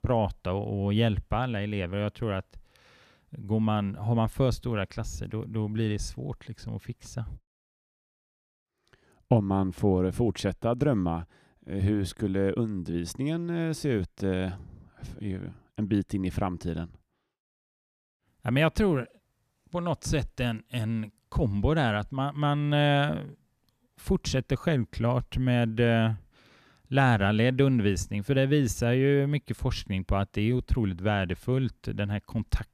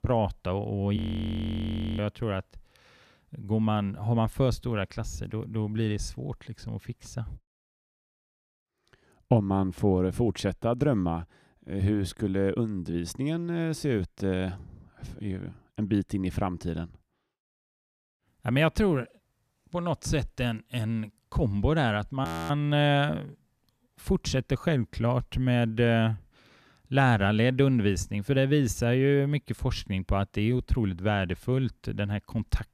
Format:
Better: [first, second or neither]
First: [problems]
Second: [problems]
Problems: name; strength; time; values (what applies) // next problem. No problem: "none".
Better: first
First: none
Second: audio freezing; at 1 s for 1 s and at 22 s